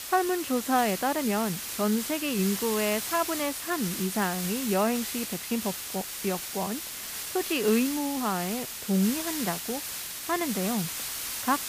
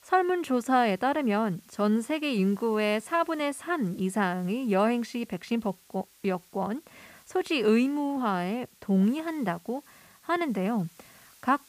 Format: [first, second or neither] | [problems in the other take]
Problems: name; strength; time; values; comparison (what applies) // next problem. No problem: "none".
second | hiss; loud; throughout; 4 dB below the speech; faint in the second